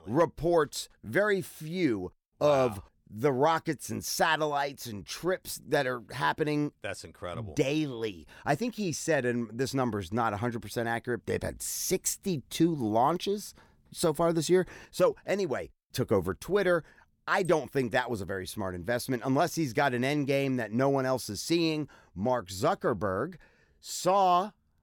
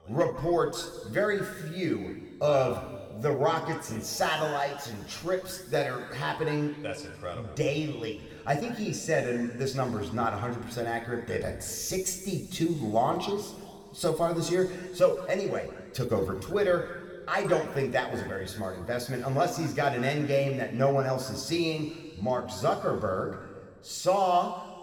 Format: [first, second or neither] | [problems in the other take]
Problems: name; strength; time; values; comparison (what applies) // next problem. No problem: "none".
first | room echo; noticeable; dies away in 1.9 s